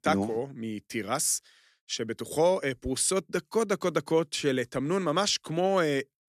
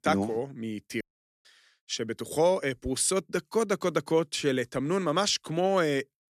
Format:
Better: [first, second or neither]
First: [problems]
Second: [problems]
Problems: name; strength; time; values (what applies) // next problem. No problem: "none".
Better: first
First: none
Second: audio cutting out; at 1 s